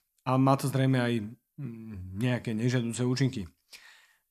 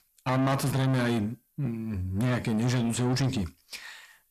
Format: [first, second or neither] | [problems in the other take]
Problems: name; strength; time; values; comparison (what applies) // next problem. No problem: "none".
first | distortion; heavy; 5 dB below the speech